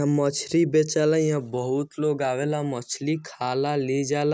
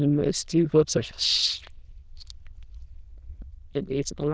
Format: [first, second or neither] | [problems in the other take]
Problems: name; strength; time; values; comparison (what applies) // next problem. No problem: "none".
first | noise reduction (neural diffusion model UNIVERSE++)